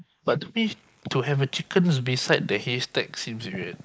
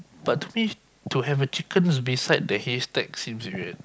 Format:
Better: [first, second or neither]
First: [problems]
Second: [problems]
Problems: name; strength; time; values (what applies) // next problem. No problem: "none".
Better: second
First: noise reduction (neural mask model Resemble Enhance denoiser)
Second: none